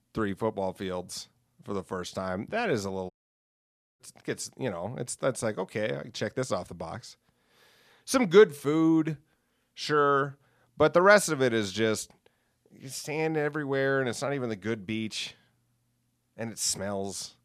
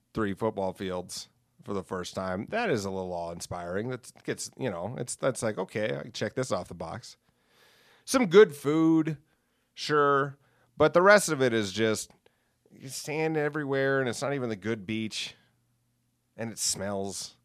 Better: second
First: audio cutting out; at 3 s for 1 s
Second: none

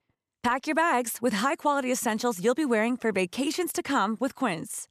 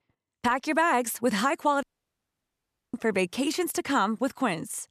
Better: first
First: none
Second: audio cutting out; at 2 s for 1 s

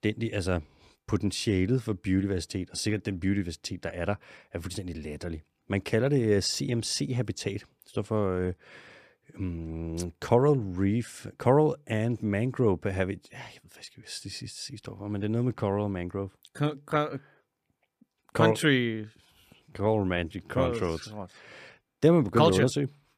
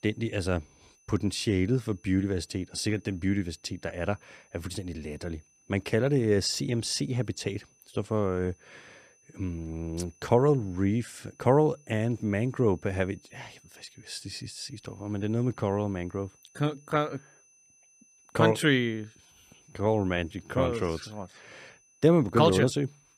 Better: first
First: none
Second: high-pitched whine; faint; throughout; 6 kHz, 30 dB below the speech

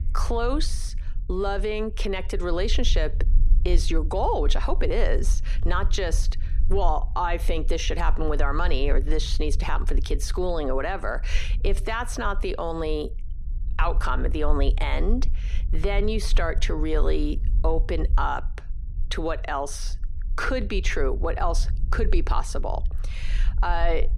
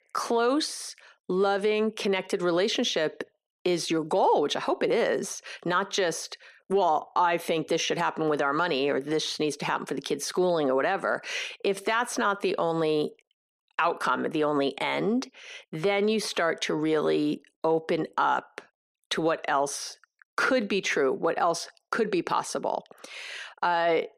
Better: second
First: low rumble; faint; throughout; 20 dB below the speech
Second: none

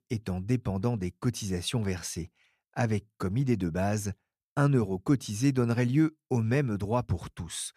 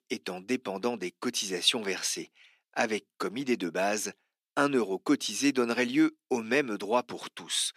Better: first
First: none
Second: thin; somewhat; fading below 250 Hz

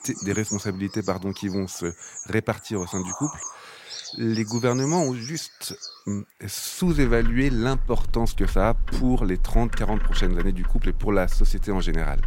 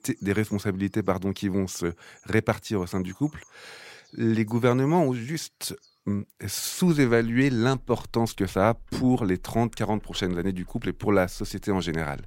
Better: second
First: animal sounds; loud; throughout; 6 dB below the speech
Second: animal sounds; faint; throughout; 30 dB below the speech

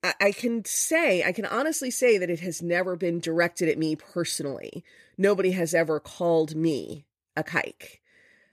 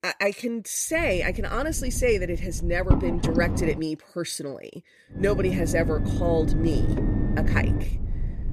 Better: first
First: none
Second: low rumble; loud; from 1 to 3.5 s and from 5 s on; 7 dB below the speech

